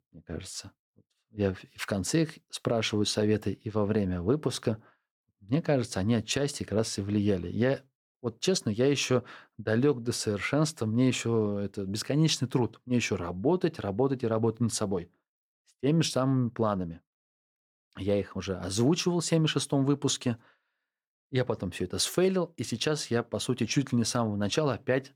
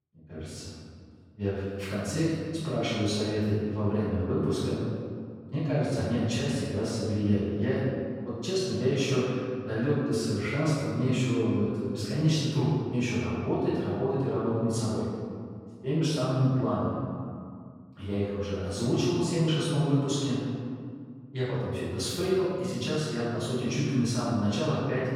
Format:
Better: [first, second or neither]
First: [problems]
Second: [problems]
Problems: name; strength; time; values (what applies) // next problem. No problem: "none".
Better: first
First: none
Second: off-mic speech; far // room echo; strong; dies away in 2 s